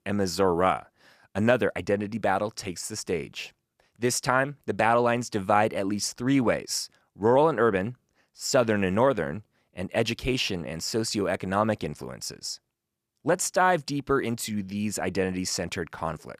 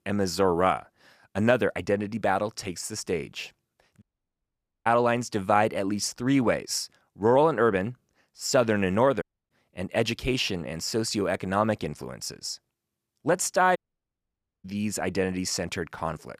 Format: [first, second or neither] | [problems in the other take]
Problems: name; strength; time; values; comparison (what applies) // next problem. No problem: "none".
first | audio cutting out; at 4 s for 1 s, at 9 s and at 14 s for 1 s